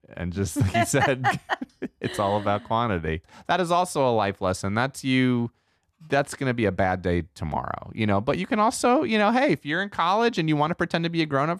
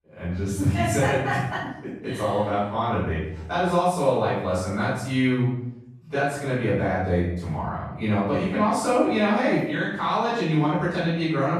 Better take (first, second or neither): first